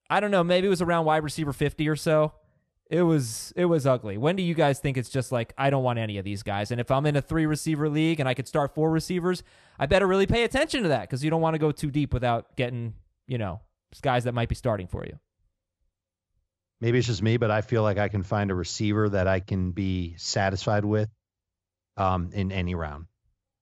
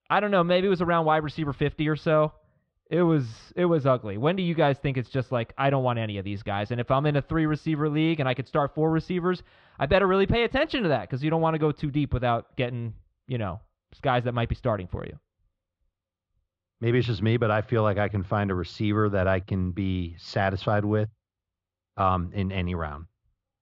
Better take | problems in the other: first | muffled; slightly; fading above 3.5 kHz

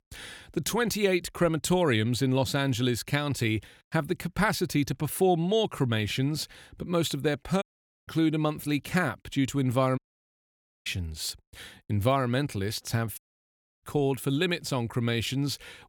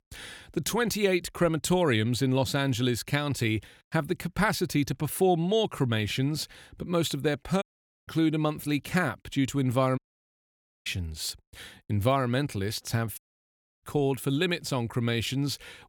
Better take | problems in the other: neither | audio cutting out; at 7.5 s, at 10 s for 1 s and at 13 s for 0.5 s; the same in both

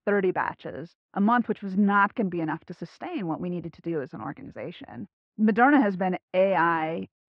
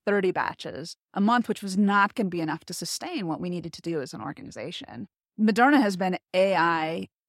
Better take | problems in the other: second | muffled; very; fading above 2 kHz

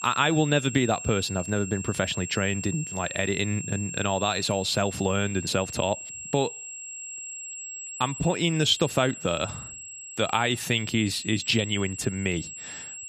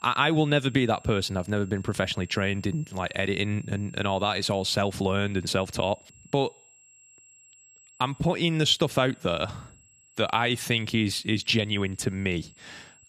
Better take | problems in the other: second | high-pitched whine; loud; throughout; 7.5 kHz, 9 dB below the speech; faint in the second

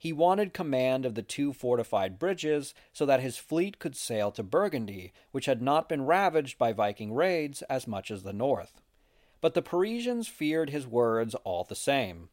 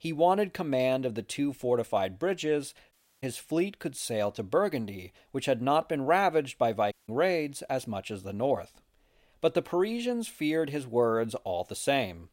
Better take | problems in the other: first | audio cutting out; at 3 s and at 7 s

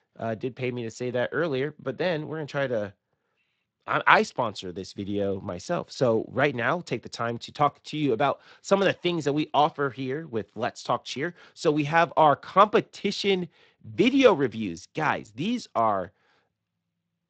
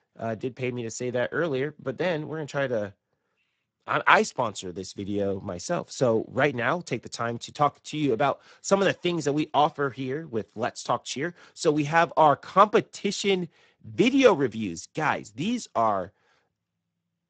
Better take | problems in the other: first | garbled, watery; badly; nothing above 8 kHz; slightly in the first

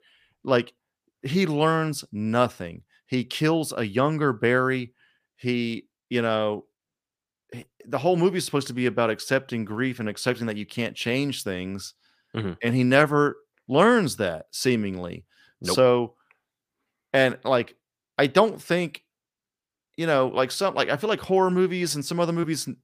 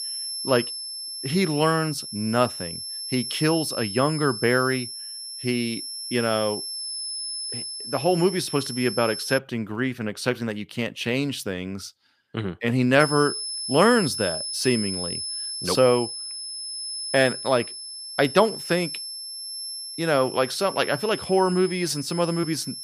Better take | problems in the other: first | high-pitched whine; loud; until 9.5 s and from 13 s on; 5 kHz, 7 dB below the speech

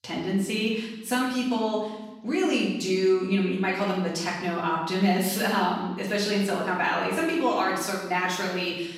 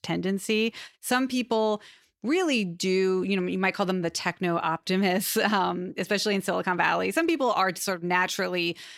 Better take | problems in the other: second | off-mic speech; far // room echo; noticeable; dies away in 0.9 s

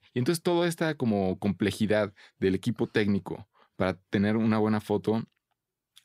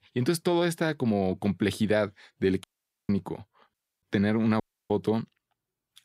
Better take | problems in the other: first | audio cutting out; at 2.5 s, at 3.5 s and at 4.5 s

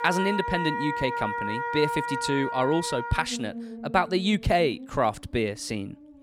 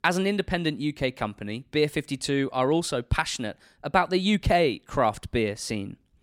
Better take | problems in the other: second | background music; loud; throughout; 5 dB below the speech

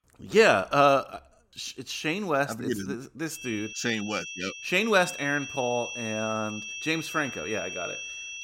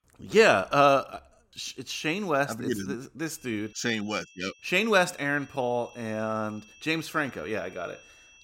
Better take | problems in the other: second | high-pitched whine; loud; from 3.5 s on; 2.5 kHz, 9 dB below the speech; faint in the second

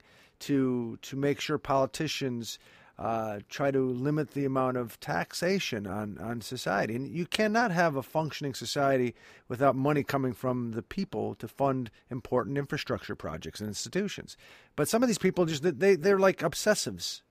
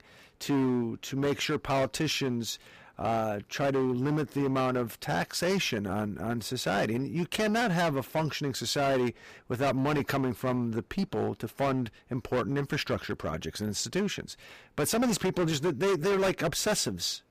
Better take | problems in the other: first | distortion; heavy; 14% of the sound clipped

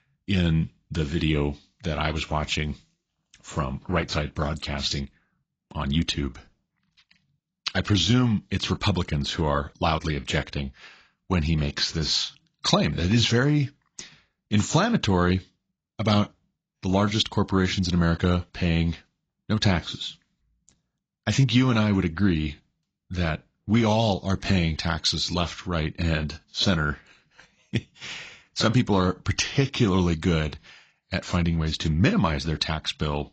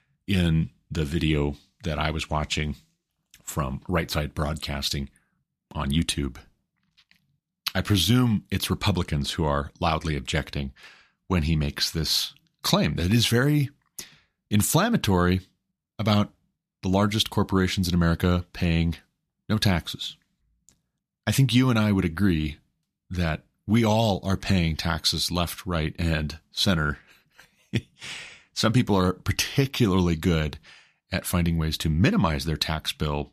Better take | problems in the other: second | garbled, watery; badly; nothing above 7.5 kHz

